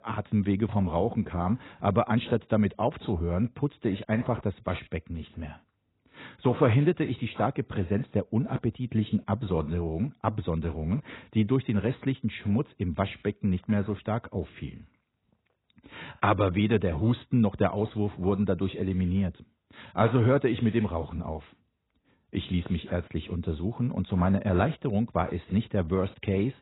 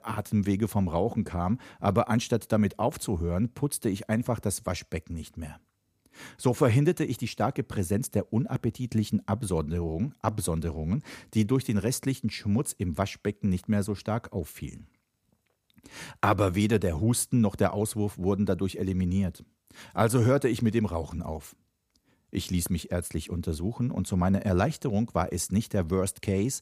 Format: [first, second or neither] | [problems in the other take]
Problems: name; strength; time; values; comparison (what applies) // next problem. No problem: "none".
second | garbled, watery; badly; nothing above 4 kHz